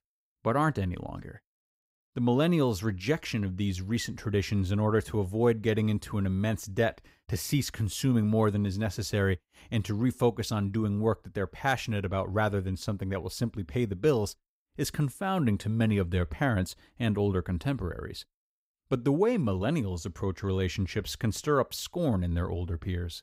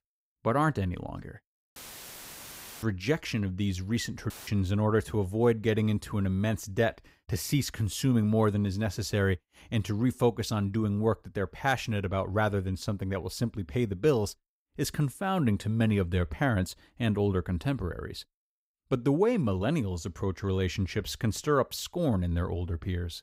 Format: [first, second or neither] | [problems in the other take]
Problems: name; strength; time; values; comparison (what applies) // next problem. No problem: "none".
first | audio cutting out; filled with static; at 2 s for 1 s and at 4.5 s